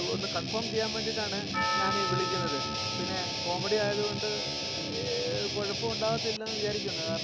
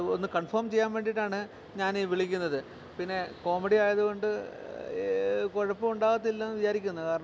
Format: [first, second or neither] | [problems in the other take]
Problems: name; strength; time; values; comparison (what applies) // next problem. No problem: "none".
second | background sound (Percussion + Guitar); 2 dB above the speech